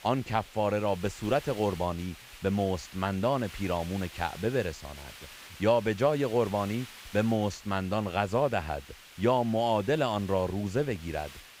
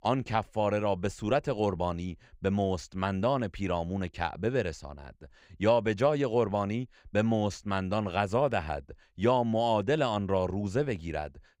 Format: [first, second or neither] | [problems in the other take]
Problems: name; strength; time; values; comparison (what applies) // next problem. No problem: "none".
second | hiss; noticeable; throughout; 15 dB below the speech